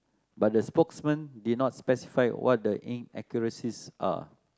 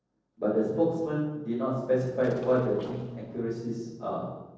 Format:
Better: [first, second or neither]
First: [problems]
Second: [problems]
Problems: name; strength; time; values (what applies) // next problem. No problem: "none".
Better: first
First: none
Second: noise reduction (neural separator model SepFormer DNS4)